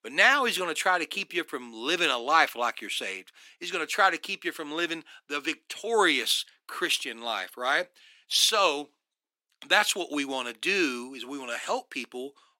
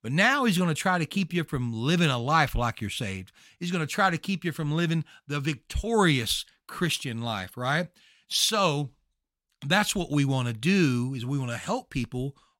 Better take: second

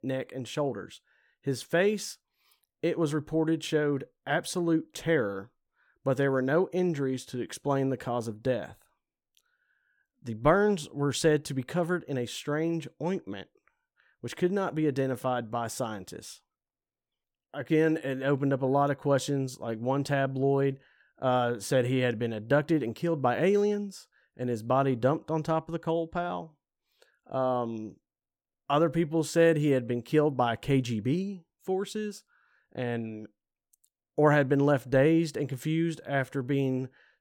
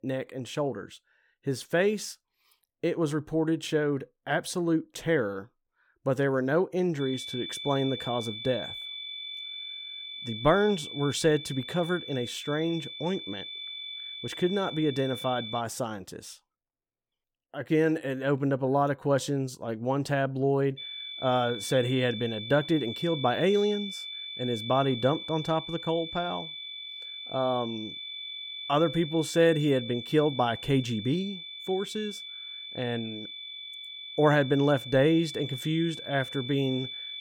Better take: first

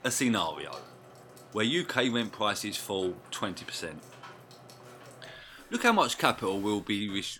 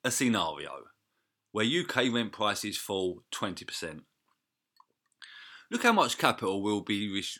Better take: second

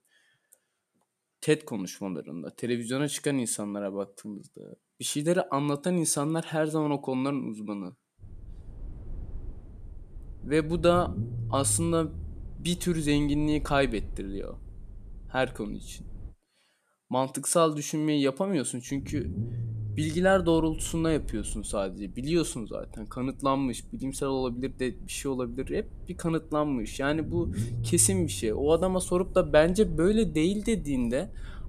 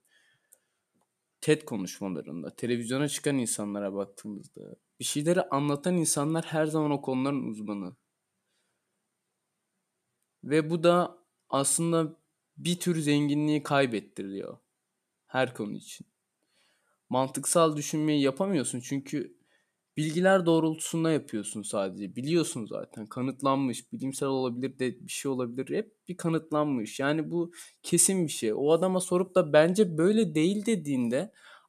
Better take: second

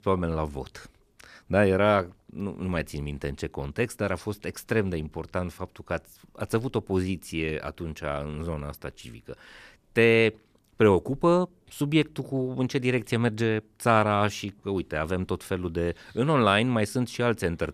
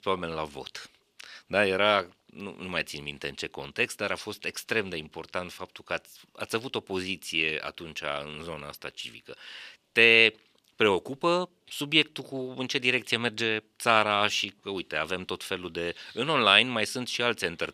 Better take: first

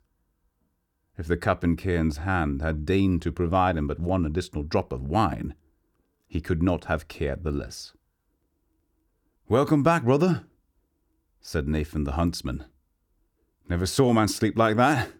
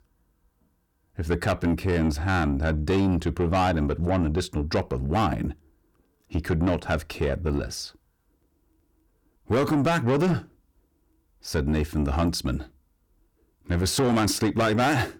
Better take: first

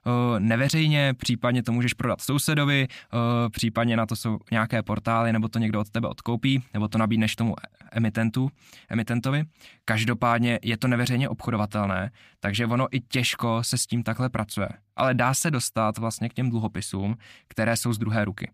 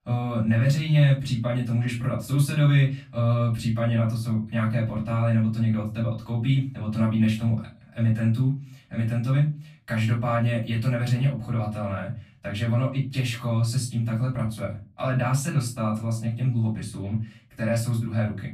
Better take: first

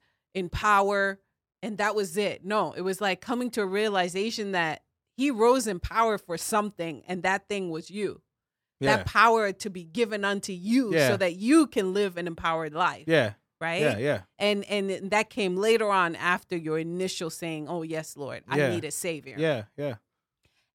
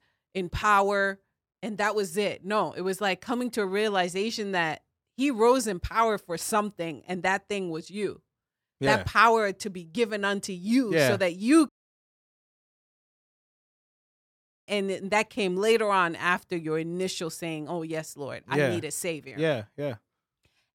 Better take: first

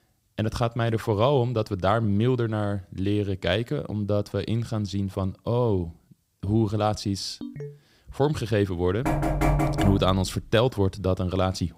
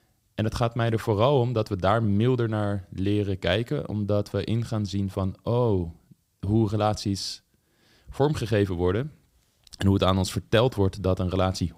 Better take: second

